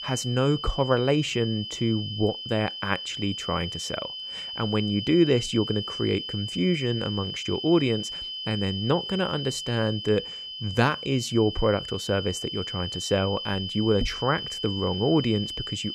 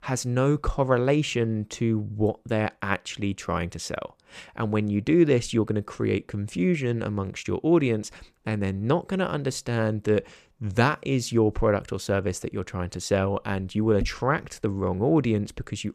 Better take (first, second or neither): second